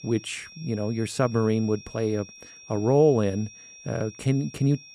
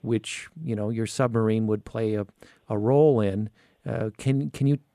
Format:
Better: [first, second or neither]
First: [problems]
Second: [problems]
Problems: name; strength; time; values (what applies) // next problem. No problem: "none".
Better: second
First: high-pitched whine; noticeable; throughout; 5.5 kHz, 20 dB below the speech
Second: none